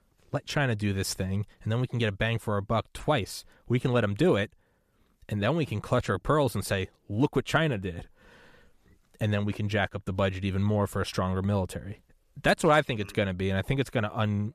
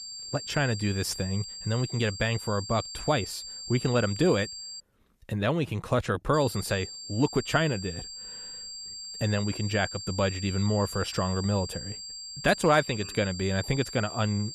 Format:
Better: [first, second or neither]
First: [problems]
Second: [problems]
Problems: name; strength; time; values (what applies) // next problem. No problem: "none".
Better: first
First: none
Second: high-pitched whine; loud; until 5 s and from 6.5 s on; 4.5 kHz, 9 dB below the speech